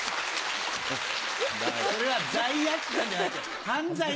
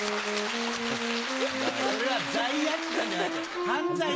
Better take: first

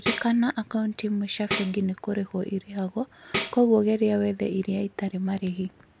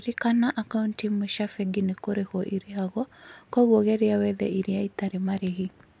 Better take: second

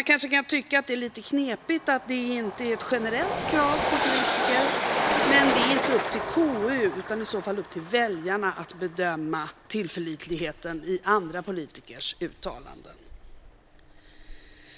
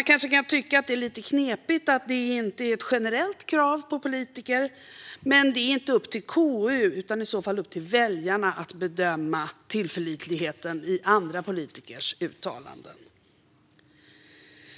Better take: second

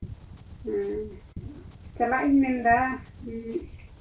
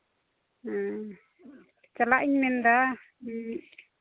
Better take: second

